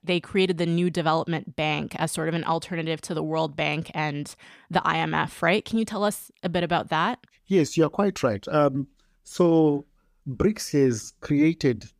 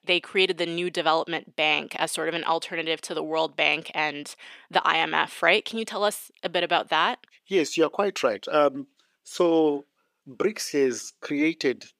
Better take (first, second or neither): first